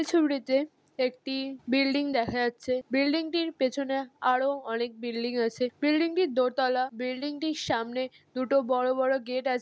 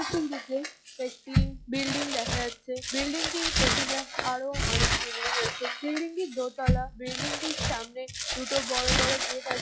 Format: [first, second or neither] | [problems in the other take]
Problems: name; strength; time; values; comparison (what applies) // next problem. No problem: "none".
first | noise reduction (classical method log-MMSE)